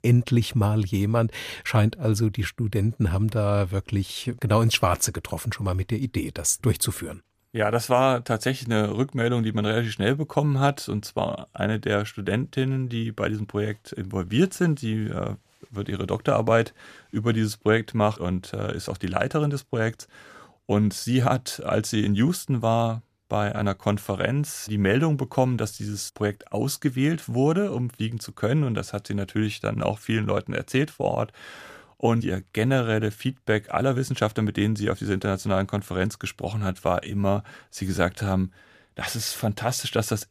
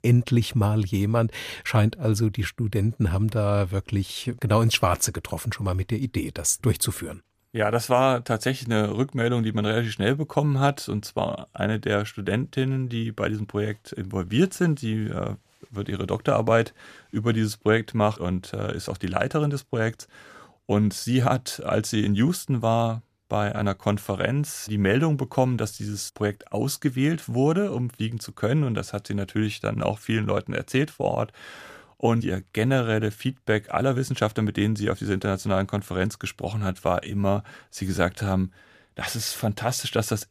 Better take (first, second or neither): neither